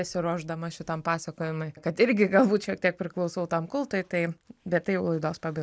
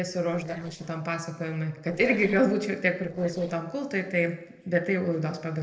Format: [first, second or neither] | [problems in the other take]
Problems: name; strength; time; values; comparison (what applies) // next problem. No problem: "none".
first | noise reduction (neural separator model SepFormer DNS4)